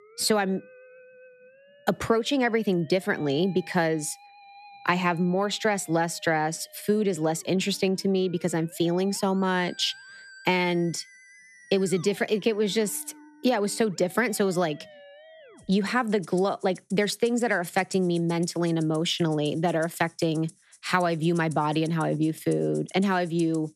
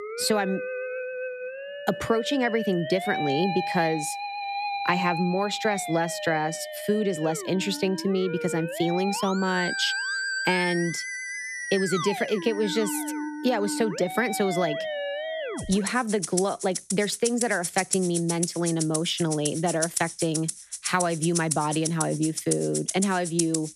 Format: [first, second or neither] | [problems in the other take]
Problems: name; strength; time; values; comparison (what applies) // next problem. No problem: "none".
first | background music; loud; throughout; 5 dB below the speech; faint in the first